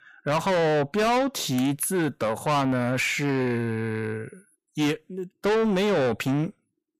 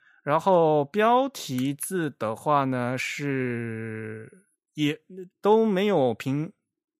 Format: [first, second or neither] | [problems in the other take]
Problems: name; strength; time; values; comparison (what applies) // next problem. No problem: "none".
second | distortion; heavy; 6 dB below the speech